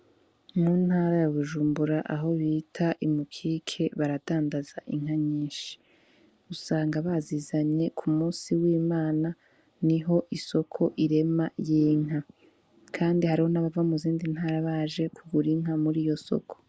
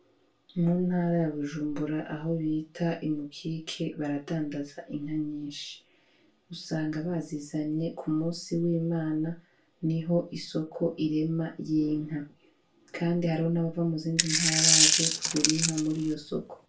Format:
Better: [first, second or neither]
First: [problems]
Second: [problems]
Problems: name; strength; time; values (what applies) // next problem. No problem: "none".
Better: first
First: none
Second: background sound (Coin (dropping)); 5 dB above the speech // room echo; dies away in 0.3 s